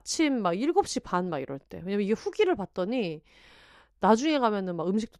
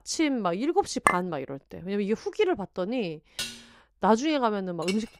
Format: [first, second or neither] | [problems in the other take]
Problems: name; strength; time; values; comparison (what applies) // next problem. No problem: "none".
first | clattering dishes; loud; at 1 s; peak 2 dB above the speech // clattering dishes; noticeable; at 3.5 s; peak 7 dB below the speech // clattering dishes; very faint; at 5 s; peak 9 dB below the speech